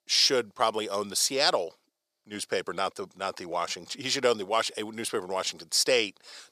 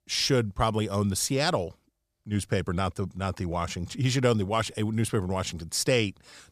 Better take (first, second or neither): second